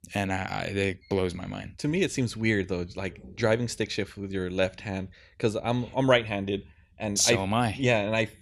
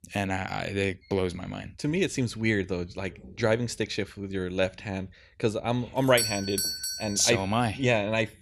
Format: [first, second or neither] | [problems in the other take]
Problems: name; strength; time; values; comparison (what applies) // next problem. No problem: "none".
first | doorbell; noticeable; from 6 to 7 s; peak level with the speech